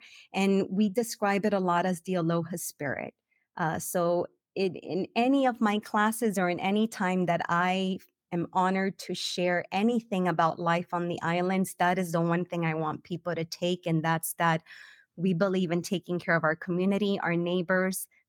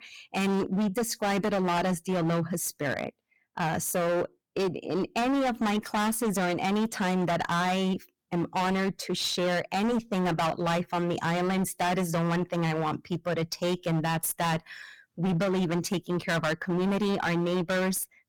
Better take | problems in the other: first | distortion; heavy; 25% of the sound clipped

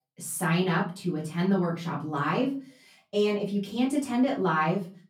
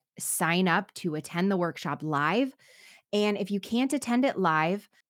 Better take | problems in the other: second | room echo; slight; dies away in 0.4 s // off-mic speech; far

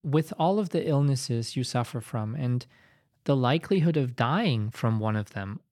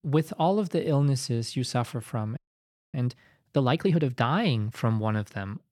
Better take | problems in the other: first | audio freezing; at 2.5 s for 0.5 s

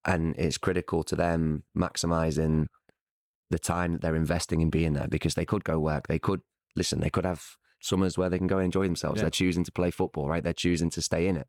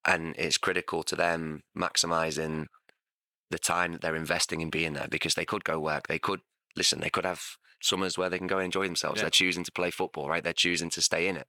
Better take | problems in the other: first | thin; somewhat; fading below 850 Hz

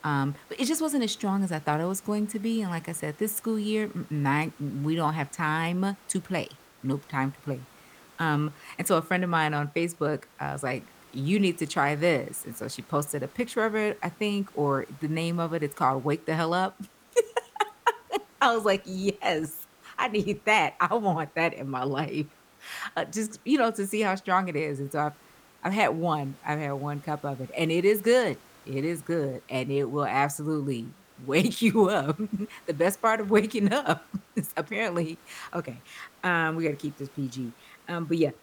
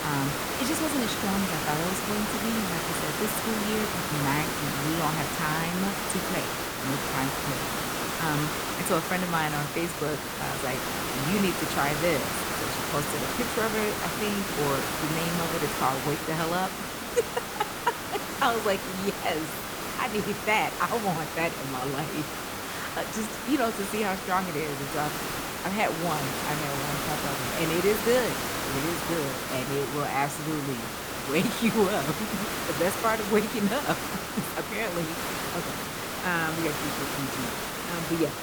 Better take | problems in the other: first | hiss; loud; throughout; as loud as the speech; faint in the first

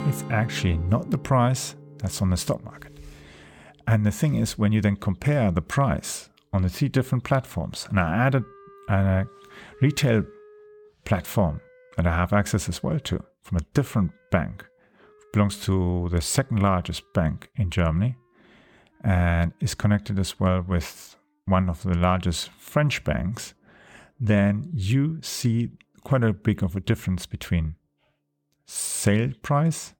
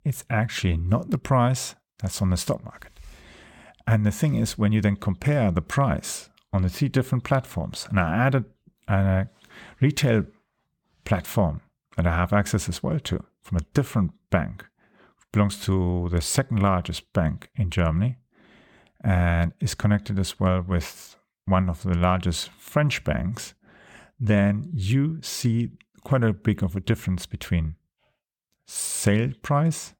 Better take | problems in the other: second | background music; faint; throughout; 20 dB below the speech

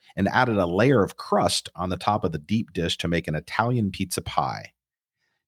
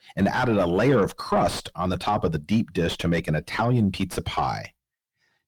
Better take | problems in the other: first | distortion; heavy; 6 dB below the speech

